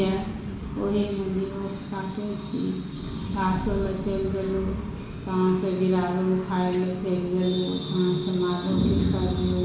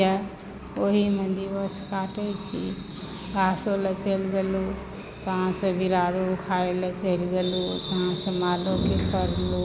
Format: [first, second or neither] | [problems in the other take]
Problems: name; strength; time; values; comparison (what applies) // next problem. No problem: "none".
second | background sound (Thunder / Rain); 13 dB below the speech // room echo; dies away in 0.7 s